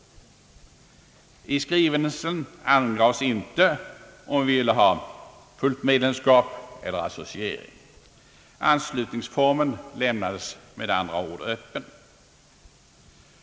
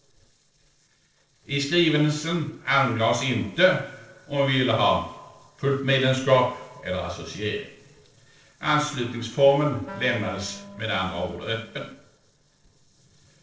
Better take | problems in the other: first | noise reduction (neural separator model SepFormer DNS4)

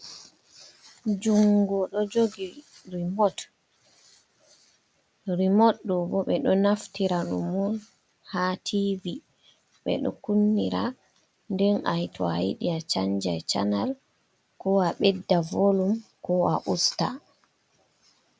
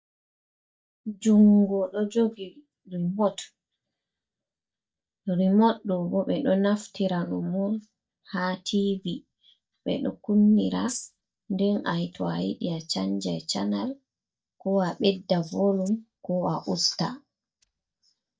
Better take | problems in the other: first | noise reduction (neural mask model DeepFilterNet 3)

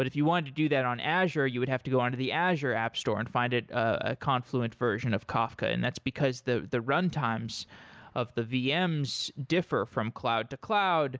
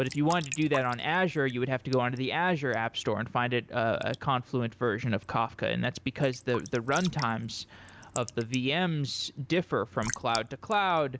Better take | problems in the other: first | background sound (Raindrop / Drip / Trickle, dribble); 16 dB below the speech

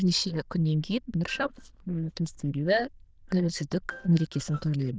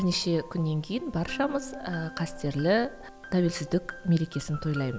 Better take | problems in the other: second | noise reduction (neural diffusion model UNIVERSE++)

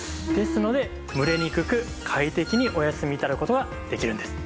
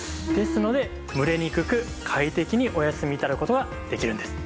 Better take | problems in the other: second | background sound (Wind instrument, woodwind instrument); 10 dB below the speech

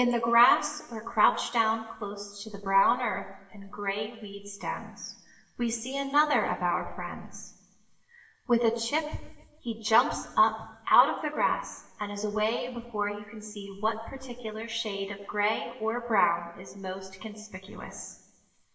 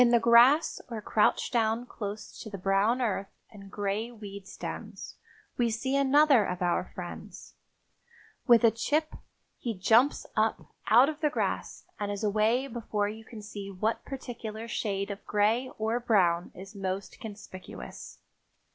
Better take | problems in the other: second | room echo; dies away in 1.1 s

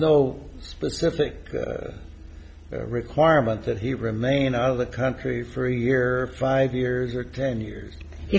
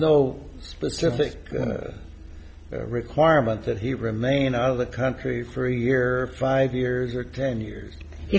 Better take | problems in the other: first | background sound (Clock); 18 dB below the speech

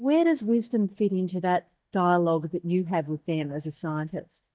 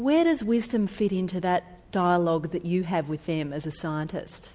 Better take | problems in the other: second | noise reduction (neural mask model DeepFilterNet 3)

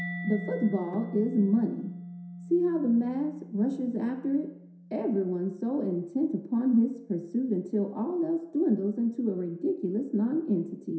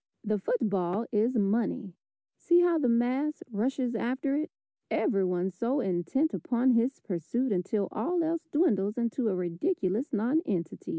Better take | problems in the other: second | background sound (Mallet percussion); 15 dB below the speech // room echo; dies away in 0.7 s

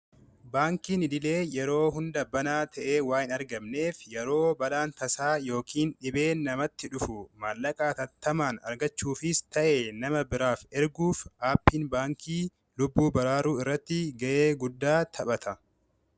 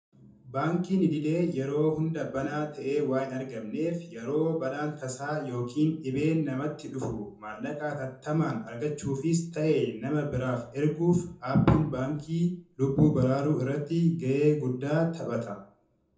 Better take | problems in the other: first | room echo; dies away in 0.5 s

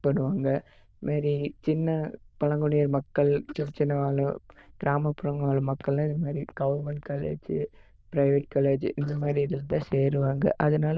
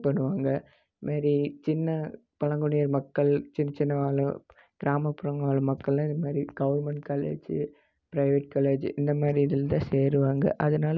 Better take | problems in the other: second | noise reduction (neural diffusion model UNIVERSE++)

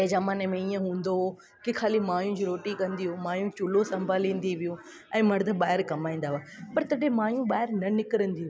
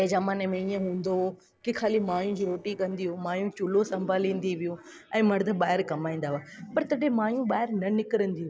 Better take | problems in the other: first | noise reduction (neural separator model SepFormer DNS4)

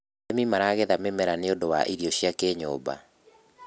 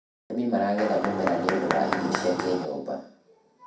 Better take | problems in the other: first | background sound (Mechanisms); 1 dB below the speech // room echo; dies away in 0.6 s

